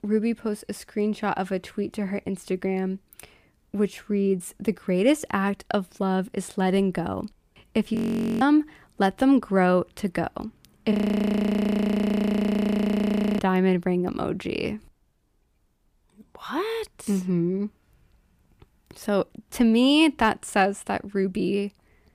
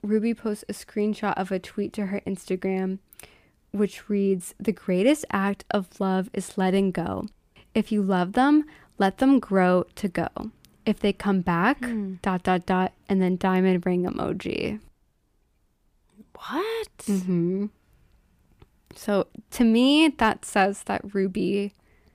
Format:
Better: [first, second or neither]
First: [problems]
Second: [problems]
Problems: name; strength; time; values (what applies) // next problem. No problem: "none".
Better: second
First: audio freezing; at 8 s and at 11 s for 2.5 s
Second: none